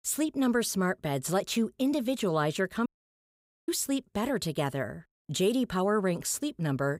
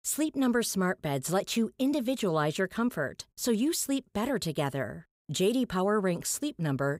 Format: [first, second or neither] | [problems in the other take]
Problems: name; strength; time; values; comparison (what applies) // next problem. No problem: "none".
second | audio cutting out; at 3 s for 1 s